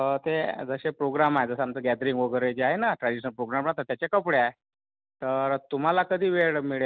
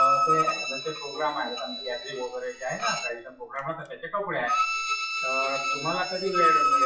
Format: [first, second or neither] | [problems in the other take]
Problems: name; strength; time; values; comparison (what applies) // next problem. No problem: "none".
first | noise reduction (classical method WPE with log-MMSE)